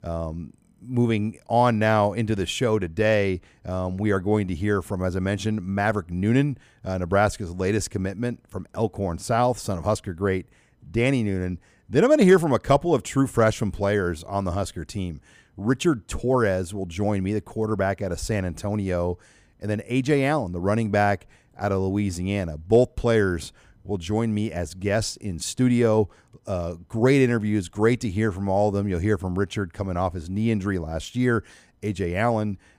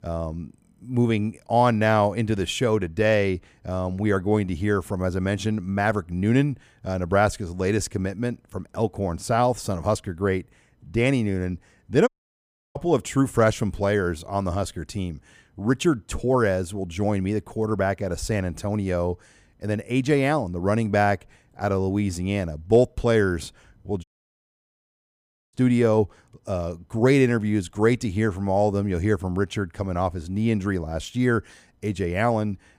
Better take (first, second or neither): first